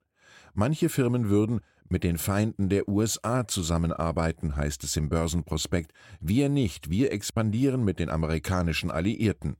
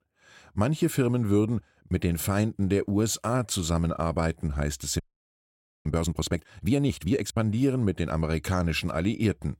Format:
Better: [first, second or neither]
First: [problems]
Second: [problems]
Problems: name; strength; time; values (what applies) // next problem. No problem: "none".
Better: first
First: none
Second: audio freezing; at 5 s for 1 s